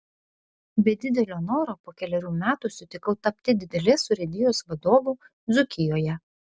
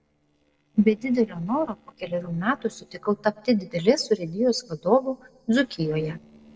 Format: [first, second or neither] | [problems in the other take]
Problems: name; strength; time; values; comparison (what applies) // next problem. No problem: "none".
first | noise reduction (neural separator model SepFormer DNS4)